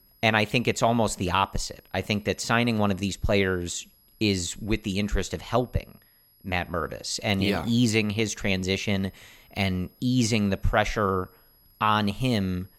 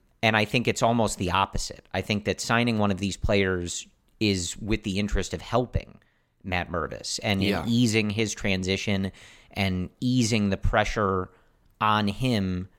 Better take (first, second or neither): second